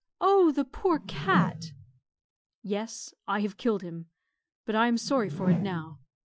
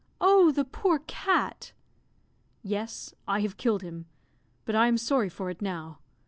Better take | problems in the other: second | noise reduction (classical method Wiener filter)

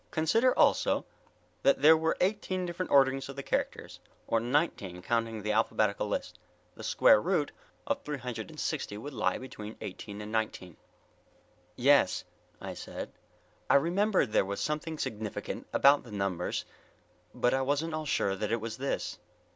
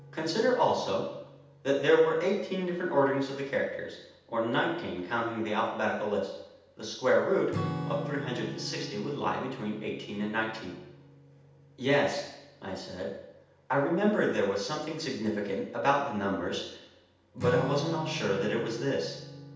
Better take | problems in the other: first | background sound (Acoustic guitar / Strum); 13 dB below the speech // room echo; dies away in 0.8 s

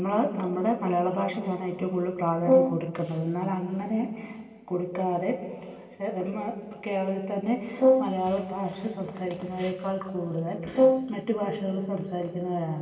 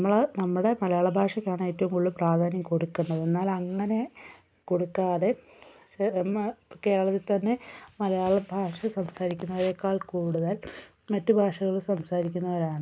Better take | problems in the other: second | background sound (Brass instrument); 2 dB above the speech // room echo; dies away in 2.1 s

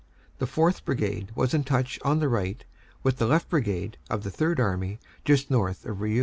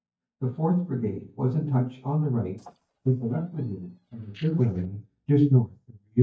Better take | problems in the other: first | noise reduction (neural mask model DeepFilterNet 3)

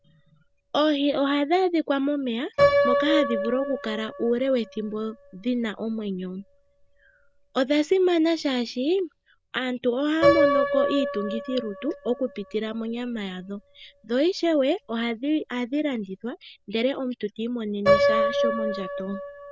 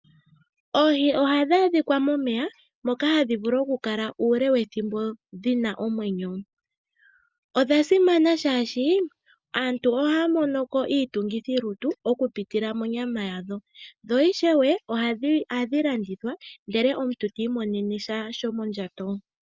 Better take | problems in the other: second | background sound (Piano); 3 dB below the speech

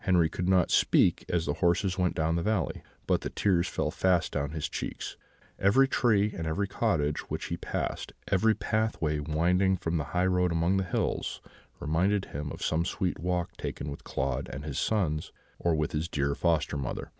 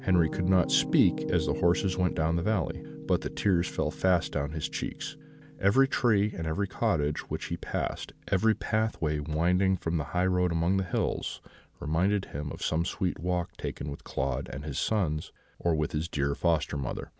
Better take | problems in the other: first | background sound (Piano); 14 dB below the speech

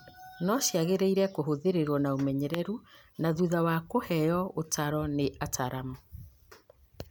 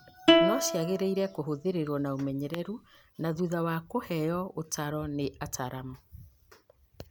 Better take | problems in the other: first | background sound (Plucked string instrument); 3 dB above the speech

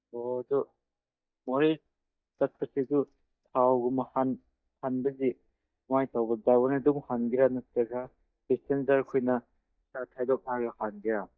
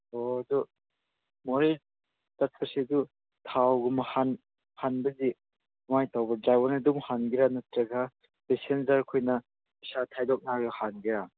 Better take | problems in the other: second | noise reduction (neural mask model DeepFilterNet 3)

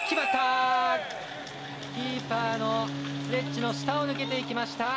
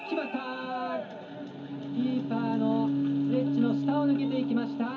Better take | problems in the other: first | room echo; dies away in 0.4 s

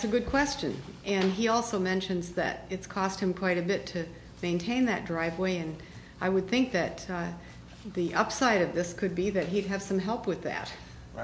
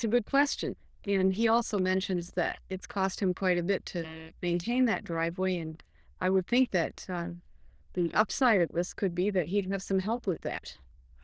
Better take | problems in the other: first | noise reduction (neural diffusion model UNIVERSE++)

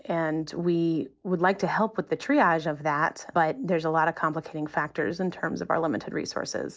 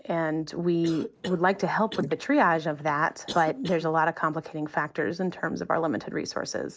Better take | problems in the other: first | noise reduction (neural mask model Resemble Enhance denoiser)

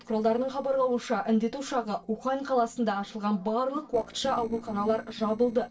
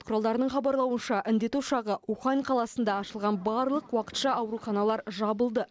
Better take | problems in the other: second | noise reduction (neural separator model SepFormer DNS4)

